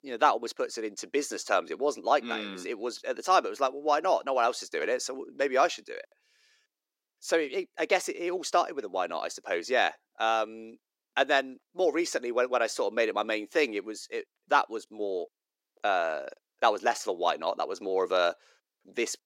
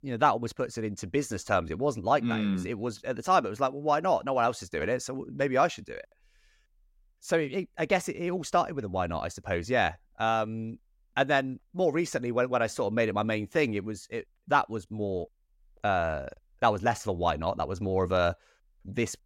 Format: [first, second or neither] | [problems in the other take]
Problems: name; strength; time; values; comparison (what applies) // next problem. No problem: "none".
second | thin; somewhat; fading below 350 Hz